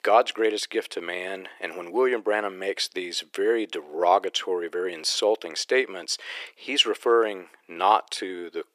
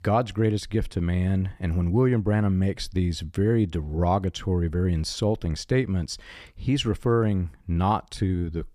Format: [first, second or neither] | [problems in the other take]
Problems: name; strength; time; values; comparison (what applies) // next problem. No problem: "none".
second | thin; very; fading below 400 Hz